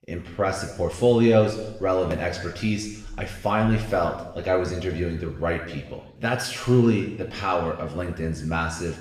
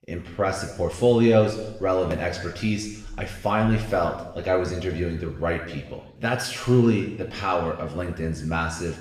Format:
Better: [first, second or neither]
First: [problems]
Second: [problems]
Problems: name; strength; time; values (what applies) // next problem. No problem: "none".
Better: neither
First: room echo; noticeable; dies away in 0.9 s // off-mic speech; far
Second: room echo; noticeable; dies away in 0.9 s // off-mic speech; far